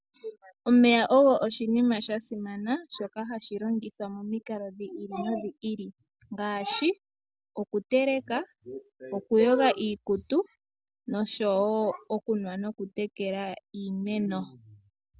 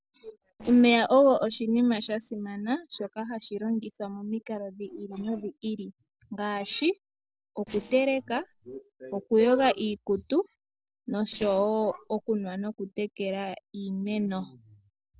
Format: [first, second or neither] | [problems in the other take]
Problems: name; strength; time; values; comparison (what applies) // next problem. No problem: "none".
first | noise reduction (neural separator model SepFormer DNS4)